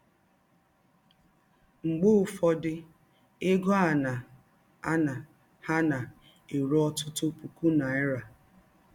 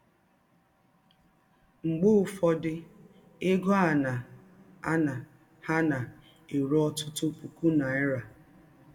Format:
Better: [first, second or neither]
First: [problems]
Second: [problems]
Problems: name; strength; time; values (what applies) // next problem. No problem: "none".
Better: first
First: none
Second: room echo; dies away in 0.3 s